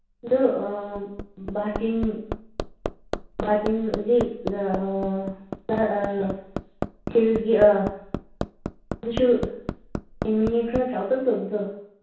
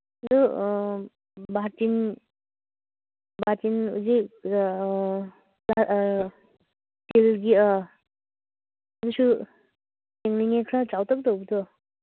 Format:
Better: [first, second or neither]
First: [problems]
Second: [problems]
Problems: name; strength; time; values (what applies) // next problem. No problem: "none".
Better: second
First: background sound (Hammer); 10 dB below the speech // room echo; dies away in 0.6 s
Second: none